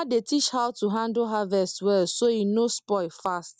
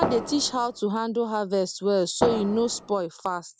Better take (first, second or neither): first